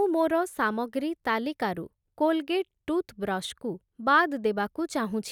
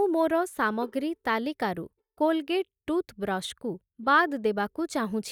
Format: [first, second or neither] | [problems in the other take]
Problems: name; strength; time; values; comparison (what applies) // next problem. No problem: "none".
first | noise reduction (neural mask model DeepFilterNet 3)